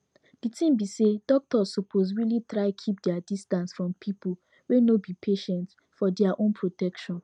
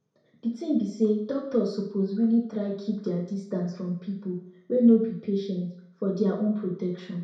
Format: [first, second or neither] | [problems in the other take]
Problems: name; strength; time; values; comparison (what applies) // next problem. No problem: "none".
first | room echo; dies away in 0.6 s